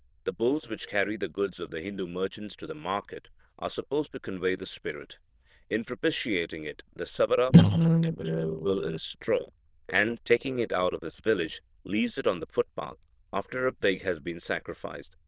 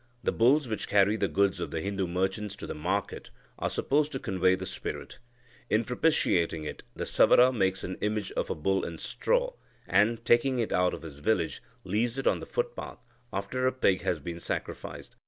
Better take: second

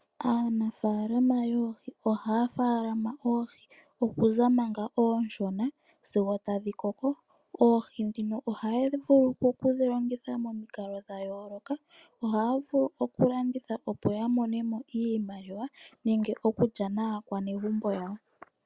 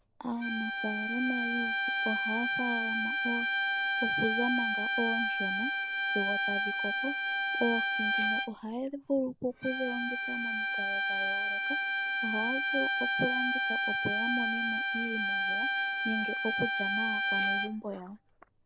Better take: first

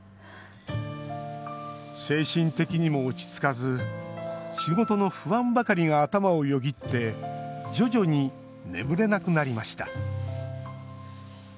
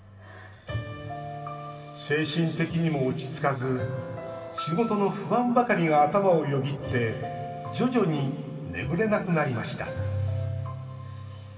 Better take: first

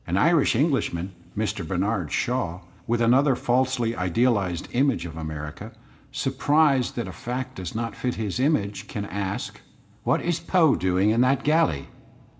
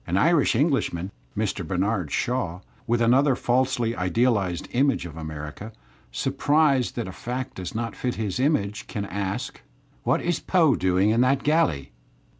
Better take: second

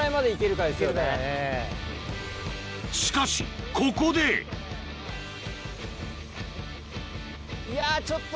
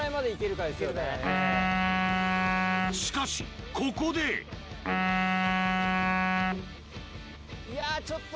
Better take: first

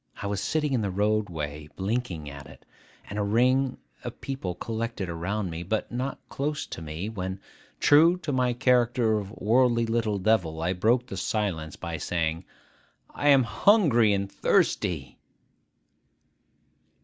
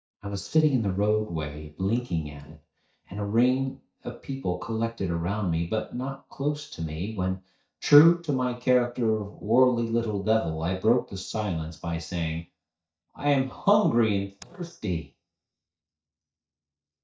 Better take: first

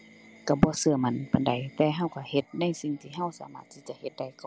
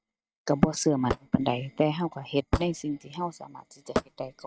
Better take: first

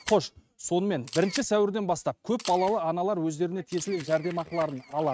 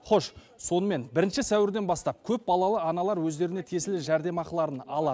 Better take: second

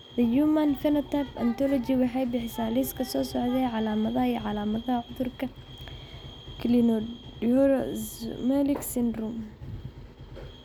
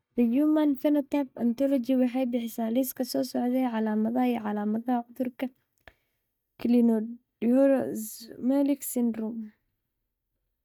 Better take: first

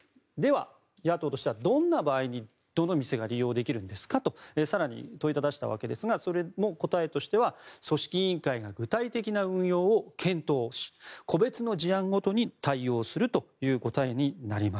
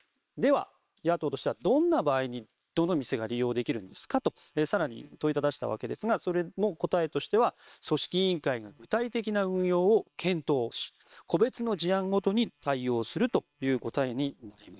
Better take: first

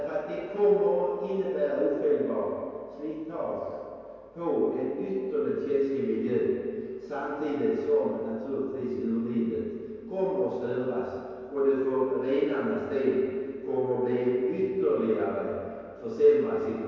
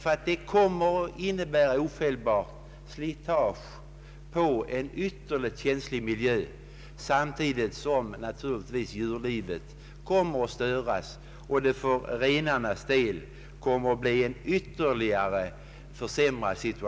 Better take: second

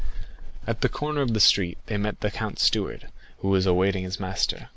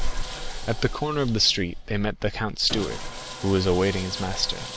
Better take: first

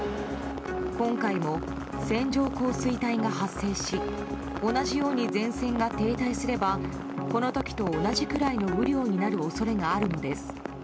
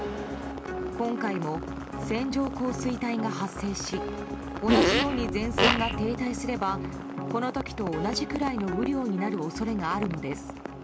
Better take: first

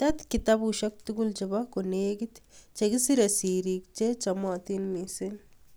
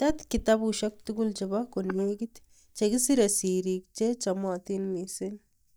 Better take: first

